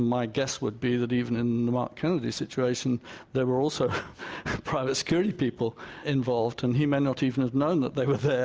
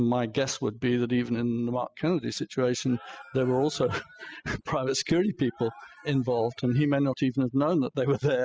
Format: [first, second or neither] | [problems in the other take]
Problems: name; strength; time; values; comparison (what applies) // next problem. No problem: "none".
first | noise reduction (classical method spectral subtraction)